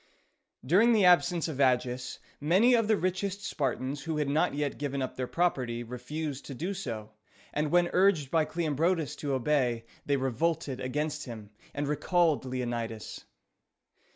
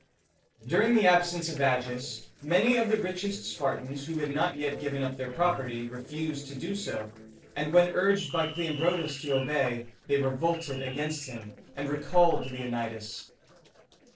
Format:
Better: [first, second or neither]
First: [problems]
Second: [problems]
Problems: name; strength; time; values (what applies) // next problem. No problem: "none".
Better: first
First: none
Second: noise reduction (neural separator model SepFormer DNS4)